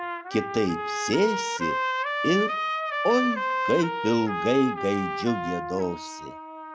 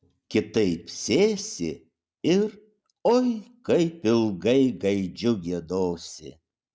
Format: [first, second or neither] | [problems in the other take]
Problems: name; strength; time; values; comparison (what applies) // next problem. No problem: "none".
second | background sound (Trumpet); 2 dB below the speech